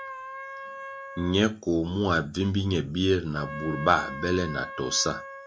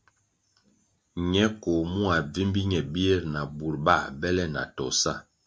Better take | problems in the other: second | background sound (Trumpet); 13 dB below the speech

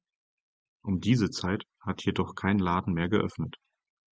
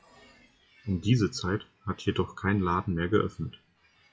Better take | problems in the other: first | noise reduction (classical method WPE with log-MMSE)

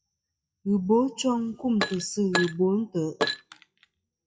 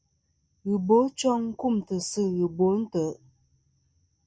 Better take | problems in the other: second | noise reduction (classical method WPE with log-MMSE)

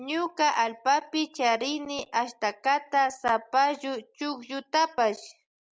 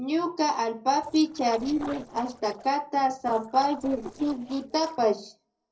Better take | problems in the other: first | noise reduction (neural separator model SepFormer DNS4)

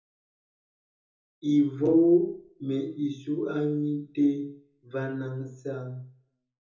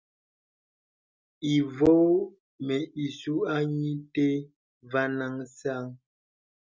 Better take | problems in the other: second | room echo; dies away in 0.6 s

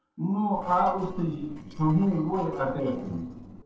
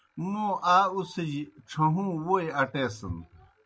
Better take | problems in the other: second | noise reduction (neural separator model SepFormer DNS4)

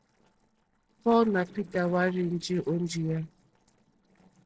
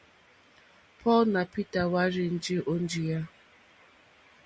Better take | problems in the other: second | noise reduction (neural separator model SepFormer DNS4)

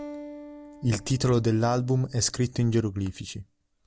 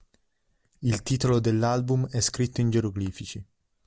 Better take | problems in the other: second | background sound (Acoustic guitar); 19 dB below the speech

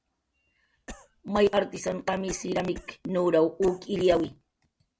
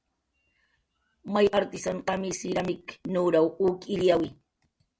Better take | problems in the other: second | background sound (Cough); 19 dB below the speech

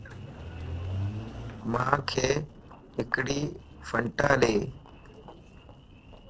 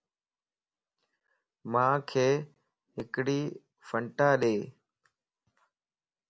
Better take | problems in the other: second | noise reduction (neural separator model SepFormer DNS4)

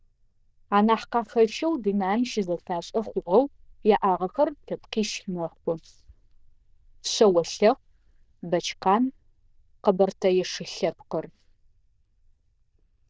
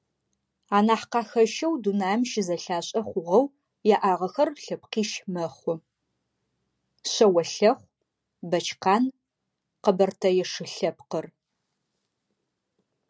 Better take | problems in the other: second | noise reduction (neural diffusion model UNIVERSE++)

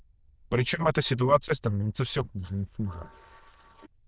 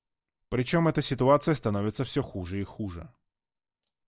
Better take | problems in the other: second | noise reduction (neural diffusion model UNIVERSE++)

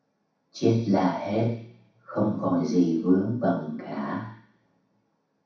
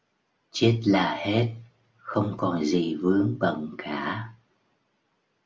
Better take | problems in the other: second | room echo; dies away in 0.7 s

